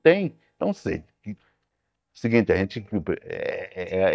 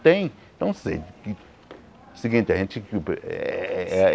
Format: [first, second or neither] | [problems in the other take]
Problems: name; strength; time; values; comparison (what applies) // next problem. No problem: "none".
second | noise reduction (neural mask model DeepFilterNet 3)